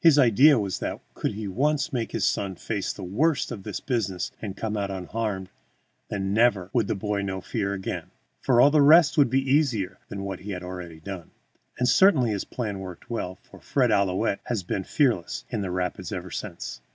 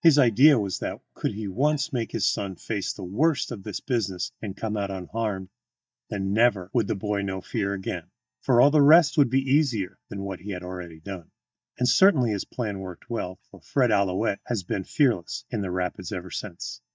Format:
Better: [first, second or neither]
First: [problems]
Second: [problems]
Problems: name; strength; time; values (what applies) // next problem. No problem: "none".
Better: first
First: none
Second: noise reduction (neural mask model DeepFilterNet 3)